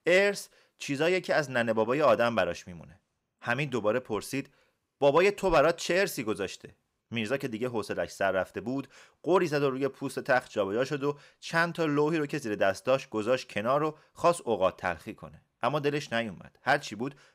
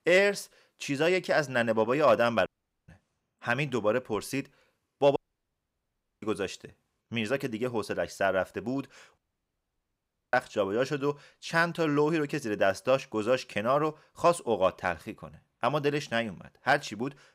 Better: first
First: none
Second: audio cutting out; at 2.5 s, at 5 s for 1 s and at 9 s for 1 s

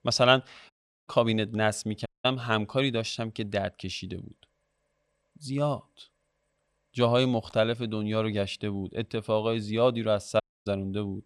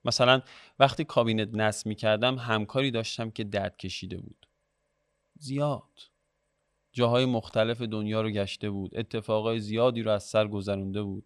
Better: second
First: audio cutting out; at 0.5 s, at 2 s and at 10 s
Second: none

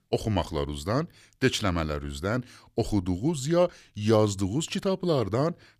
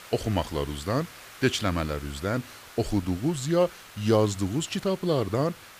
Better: first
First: none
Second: hiss; noticeable; throughout; 20 dB below the speech

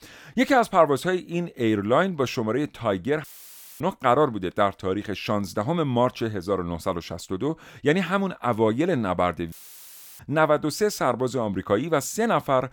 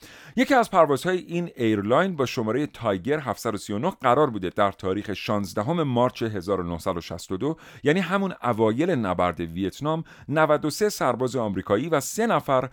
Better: second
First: audio cutting out; filled with static; at 3 s for 0.5 s and at 9.5 s for 0.5 s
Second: none

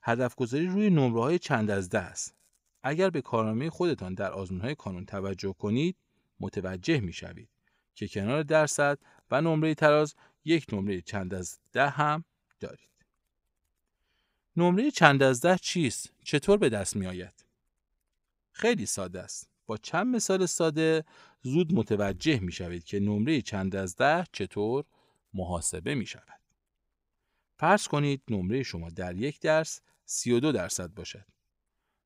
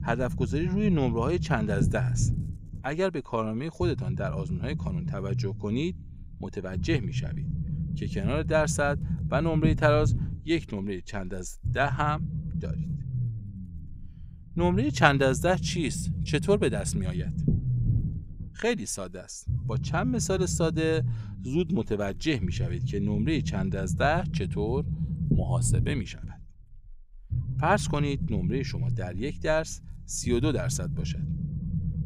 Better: first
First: none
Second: low rumble; noticeable; throughout; 10 dB below the speech

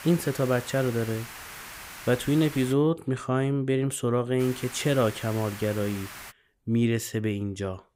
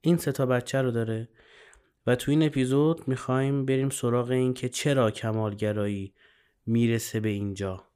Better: second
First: hiss; noticeable; until 2.5 s and from 4.5 to 6.5 s; 15 dB below the speech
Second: none

